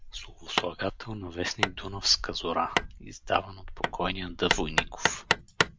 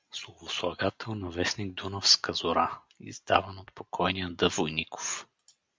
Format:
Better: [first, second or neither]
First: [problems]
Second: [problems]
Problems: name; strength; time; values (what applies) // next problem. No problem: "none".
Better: second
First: background sound (Hammer); as loud as the speech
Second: none